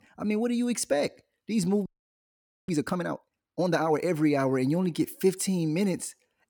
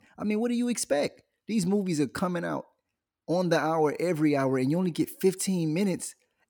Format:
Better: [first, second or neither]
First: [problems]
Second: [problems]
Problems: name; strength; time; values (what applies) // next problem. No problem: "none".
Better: second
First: audio freezing; at 2 s for 1 s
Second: none